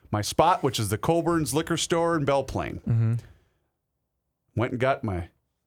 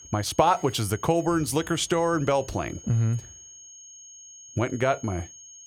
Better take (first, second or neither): first